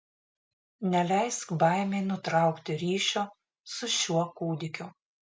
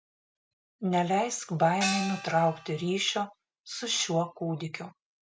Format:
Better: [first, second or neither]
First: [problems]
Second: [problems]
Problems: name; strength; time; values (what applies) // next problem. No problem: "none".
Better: first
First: none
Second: background sound (Gong); 5 dB below the speech